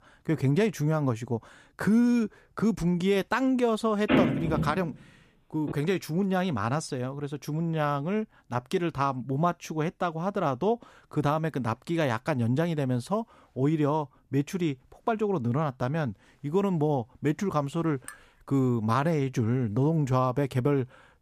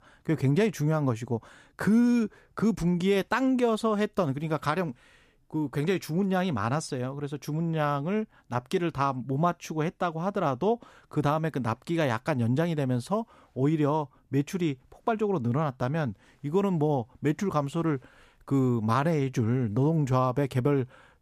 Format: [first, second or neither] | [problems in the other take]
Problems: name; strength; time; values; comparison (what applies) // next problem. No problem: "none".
second | phone ringing; loud; from 4 to 5.5 s; peak 3 dB above the speech // clattering dishes; faint; at 18 s; peak 20 dB below the speech